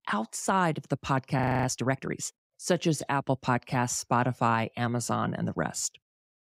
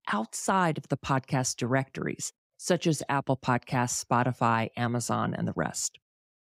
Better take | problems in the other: second | audio freezing; at 1.5 s

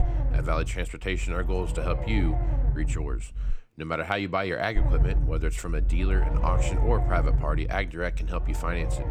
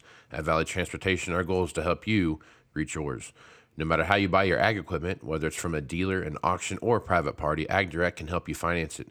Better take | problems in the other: second | low rumble; loud; until 3.5 s and from 5 s on; 9 dB below the speech

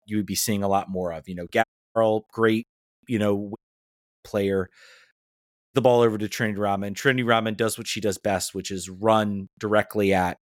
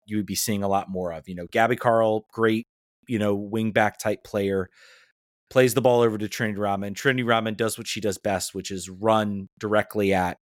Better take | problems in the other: second | audio cutting out; at 1.5 s, at 3.5 s for 0.5 s and at 5.5 s

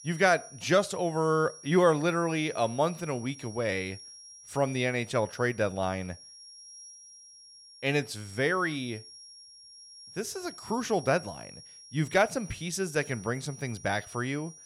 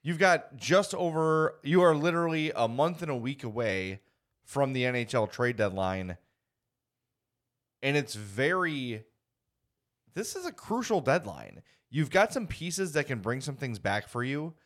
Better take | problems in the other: second | high-pitched whine; noticeable; throughout; 5.5 kHz, 15 dB below the speech

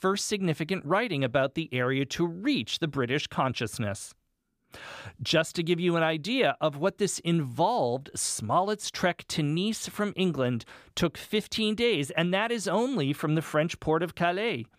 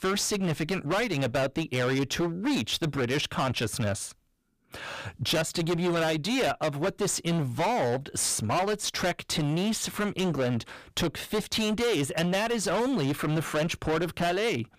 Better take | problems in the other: first | distortion; heavy; 22% of the sound clipped

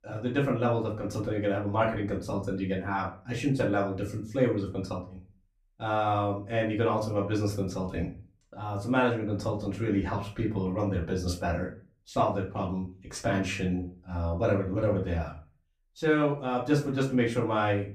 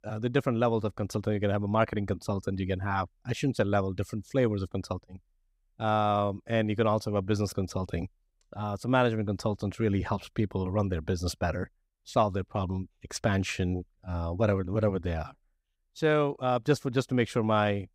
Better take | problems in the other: second | off-mic speech; far // room echo; slight; dies away in 0.3 s

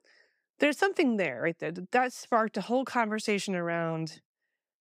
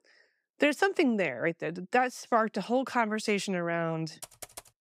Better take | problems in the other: first | keyboard typing; faint; at 4 s; peak 15 dB below the speech

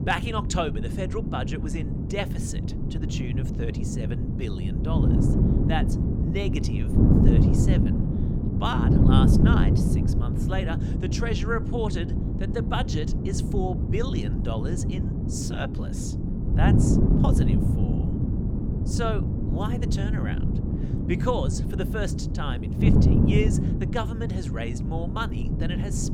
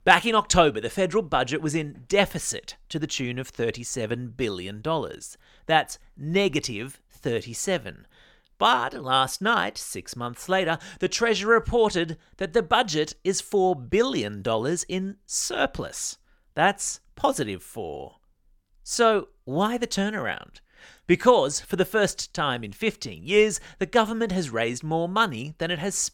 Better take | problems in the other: second | wind noise on the microphone; heavy; 1 dB below the speech

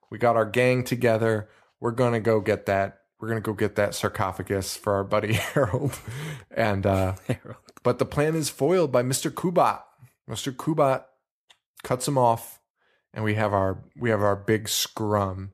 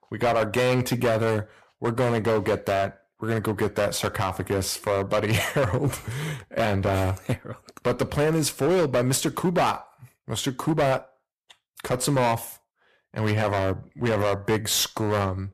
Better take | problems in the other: first | distortion; heavy; 12% of the sound clipped

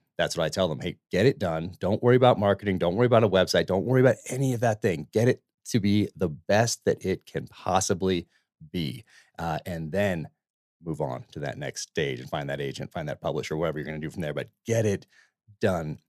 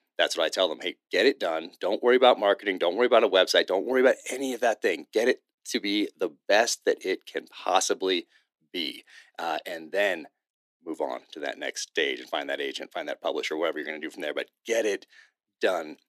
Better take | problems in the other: first | thin; somewhat; fading below 300 Hz

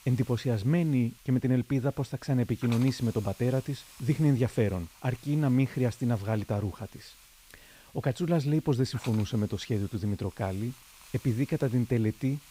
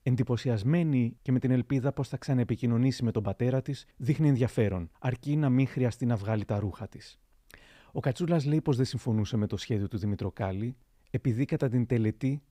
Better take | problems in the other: second | hiss; faint; throughout; 20 dB below the speech

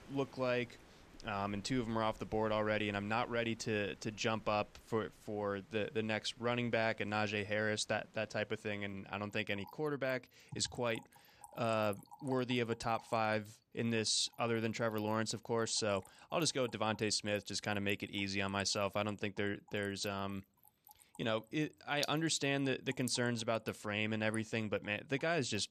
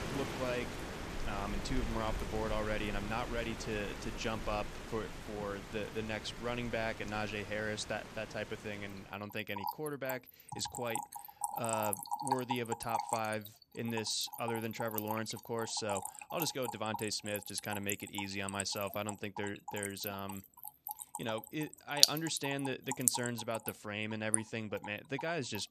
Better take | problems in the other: first | rain or running water; loud; throughout; 1 dB below the speech; faint in the first

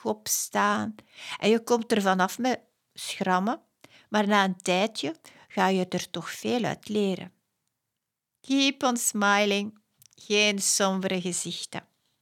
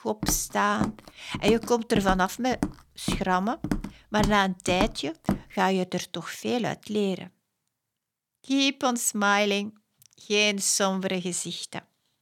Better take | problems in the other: first | footsteps; noticeable; until 5.5 s; peak 5 dB below the speech

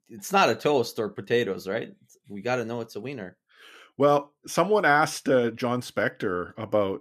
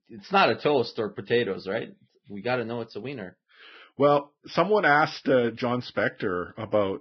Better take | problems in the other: first | garbled, watery; badly; nothing above 5.5 kHz

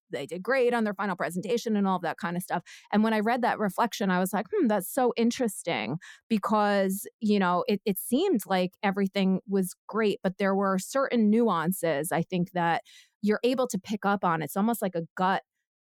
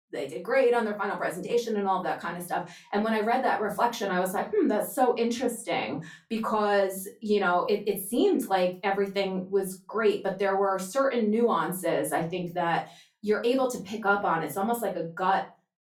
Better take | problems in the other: first | off-mic speech; far // room echo; very slight; dies away in 0.2 s

